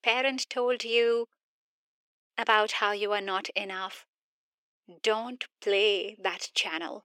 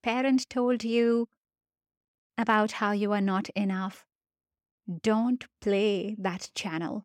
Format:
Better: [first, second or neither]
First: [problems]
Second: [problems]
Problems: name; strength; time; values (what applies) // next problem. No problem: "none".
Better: second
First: thin; very; fading below 400 Hz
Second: none